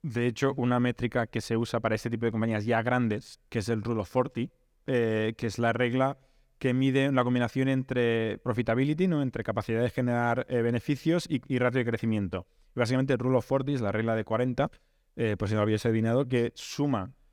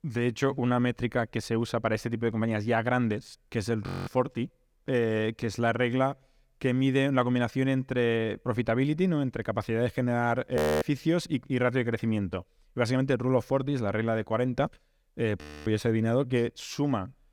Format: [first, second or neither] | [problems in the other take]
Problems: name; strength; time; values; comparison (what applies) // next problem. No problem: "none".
first | audio freezing; at 4 s, at 11 s and at 15 s